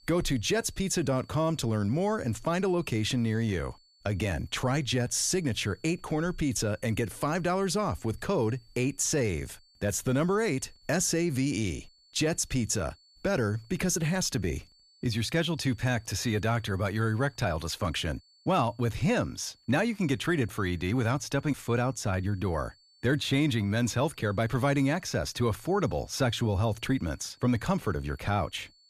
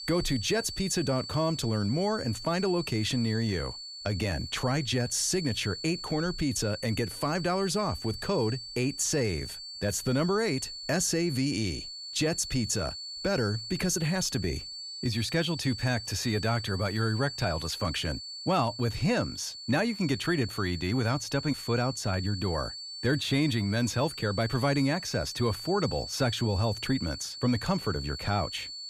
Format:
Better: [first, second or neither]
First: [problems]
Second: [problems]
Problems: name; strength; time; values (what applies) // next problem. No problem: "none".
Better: first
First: high-pitched whine; faint; throughout; 4.5 kHz, 30 dB below the speech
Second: high-pitched whine; loud; throughout; 4.5 kHz, 8 dB below the speech